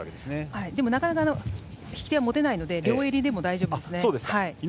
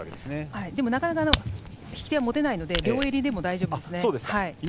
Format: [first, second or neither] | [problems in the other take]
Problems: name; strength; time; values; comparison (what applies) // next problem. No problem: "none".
first | background sound (Camera); 9 dB below the speech